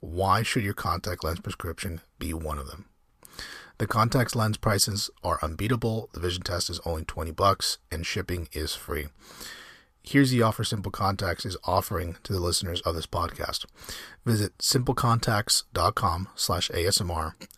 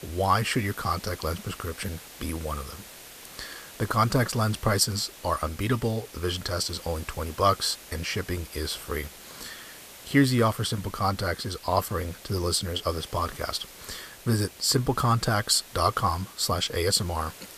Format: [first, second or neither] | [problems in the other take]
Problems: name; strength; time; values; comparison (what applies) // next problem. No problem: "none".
first | hiss; noticeable; throughout; 15 dB below the speech